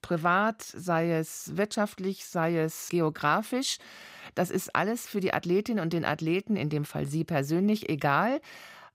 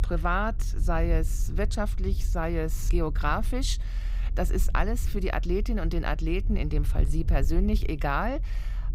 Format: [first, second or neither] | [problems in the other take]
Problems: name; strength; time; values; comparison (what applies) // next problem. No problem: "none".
first | low rumble; noticeable; throughout; 20 dB below the speech